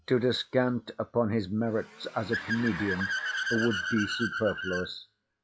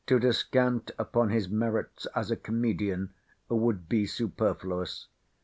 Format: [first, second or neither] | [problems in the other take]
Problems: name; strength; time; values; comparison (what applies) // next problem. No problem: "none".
second | noise reduction (classical method log-MMSE)